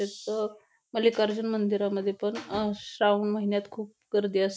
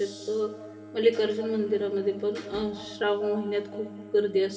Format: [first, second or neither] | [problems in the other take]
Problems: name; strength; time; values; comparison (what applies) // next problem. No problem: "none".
first | background sound (Bowed string instrument); 18 dB below the speech // room echo; dies away in 2.3 s